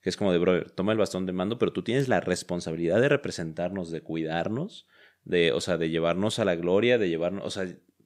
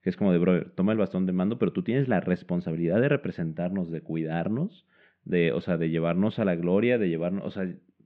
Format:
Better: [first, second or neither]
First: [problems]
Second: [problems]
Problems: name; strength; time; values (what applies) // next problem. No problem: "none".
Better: first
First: none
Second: muffled; very; fading above 2.5 kHz